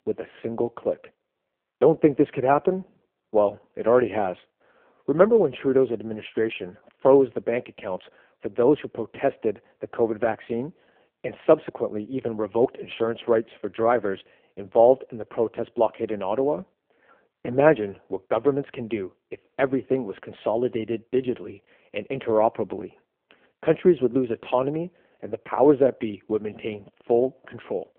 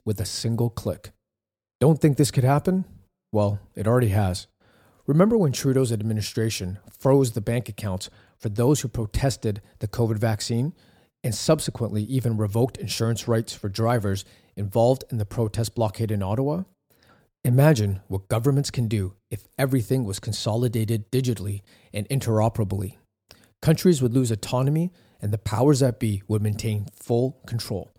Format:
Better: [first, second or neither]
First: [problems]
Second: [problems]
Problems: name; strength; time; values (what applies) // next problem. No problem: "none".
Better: second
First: phone-call audio; poor line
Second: none